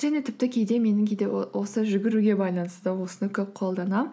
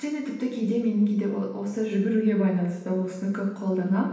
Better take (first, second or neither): first